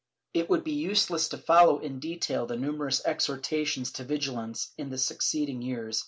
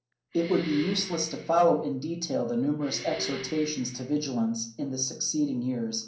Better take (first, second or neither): first